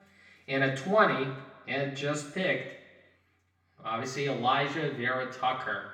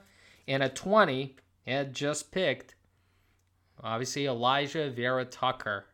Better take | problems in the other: second | room echo; slight; dies away in 0.9 s // off-mic speech; far

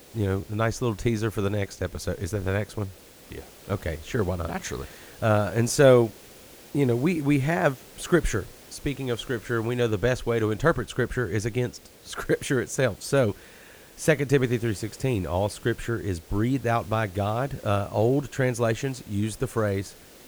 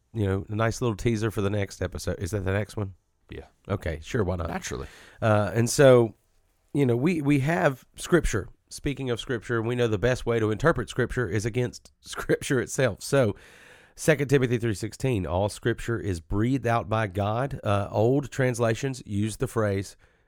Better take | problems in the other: second | hiss; faint; throughout; 20 dB below the speech

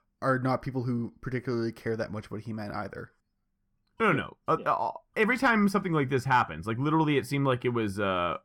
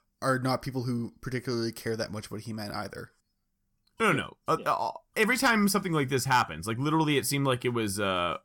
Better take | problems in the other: second | muffled; slightly; fading above 3.5 kHz

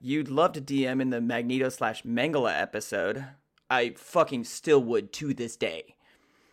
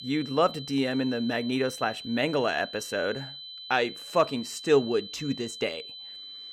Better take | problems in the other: first | high-pitched whine; noticeable; throughout; 4 kHz, 10 dB below the speech

